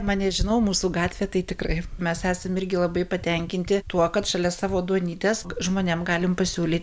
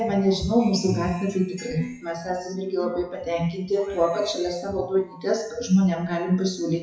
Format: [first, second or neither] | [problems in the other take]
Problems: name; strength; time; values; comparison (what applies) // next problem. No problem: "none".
first | noise reduction (classical method WPE with log-MMSE)